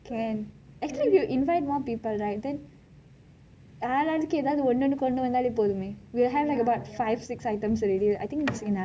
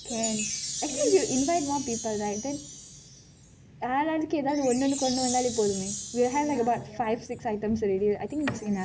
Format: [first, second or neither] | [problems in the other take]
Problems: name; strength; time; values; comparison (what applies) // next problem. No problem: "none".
first | background sound (Chime); 9 dB below the speech